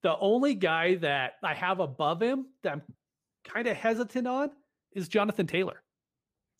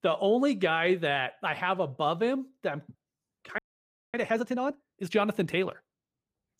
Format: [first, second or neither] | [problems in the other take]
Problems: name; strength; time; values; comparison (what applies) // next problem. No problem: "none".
first | audio freezing; at 3.5 s for 0.5 s